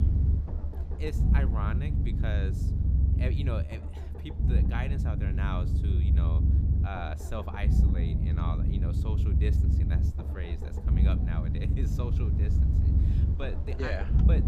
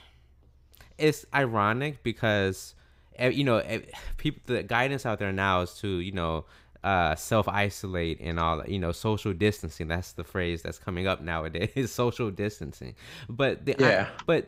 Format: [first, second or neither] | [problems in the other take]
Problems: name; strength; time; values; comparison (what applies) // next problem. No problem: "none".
second | low rumble; loud; throughout; 1 dB below the speech